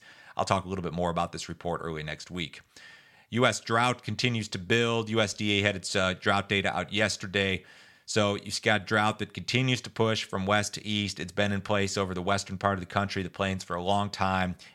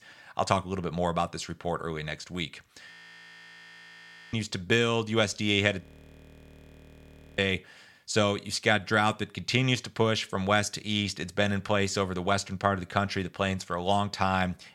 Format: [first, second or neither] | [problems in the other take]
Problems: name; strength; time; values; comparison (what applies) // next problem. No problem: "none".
first | audio freezing; at 3 s for 1.5 s and at 6 s for 1.5 s